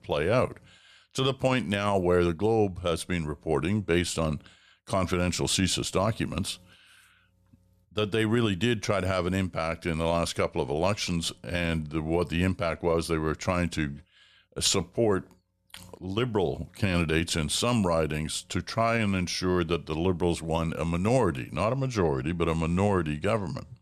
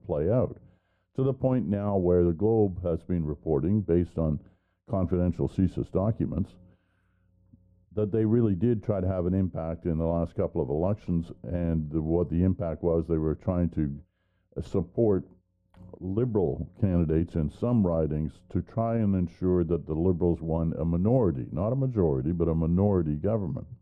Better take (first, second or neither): first